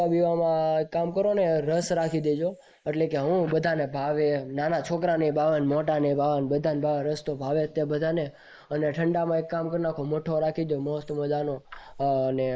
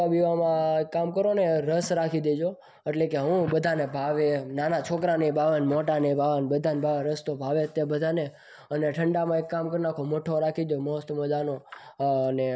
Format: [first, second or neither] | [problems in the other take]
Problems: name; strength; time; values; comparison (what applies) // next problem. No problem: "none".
second | noise reduction (neural mask model Resemble Enhance denoiser)